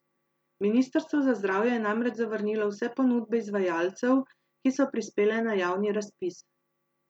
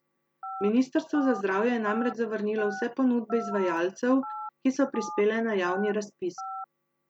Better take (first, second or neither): first